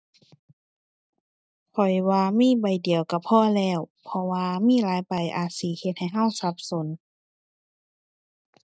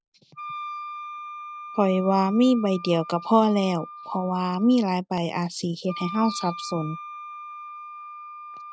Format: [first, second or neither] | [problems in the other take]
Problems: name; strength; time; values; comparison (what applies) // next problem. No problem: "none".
first | background sound (Wind instrument, woodwind instrument); 13 dB below the speech